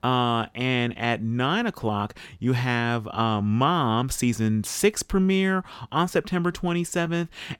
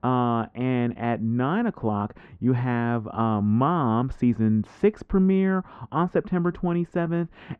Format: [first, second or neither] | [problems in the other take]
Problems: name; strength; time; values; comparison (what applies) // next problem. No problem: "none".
first | muffled; very; fading above 1.5 kHz